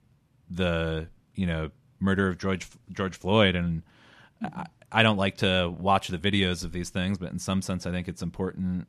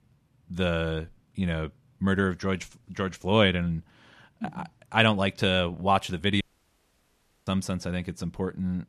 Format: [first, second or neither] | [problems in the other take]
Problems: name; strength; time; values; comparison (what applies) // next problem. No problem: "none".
first | audio cutting out; at 6.5 s for 1 s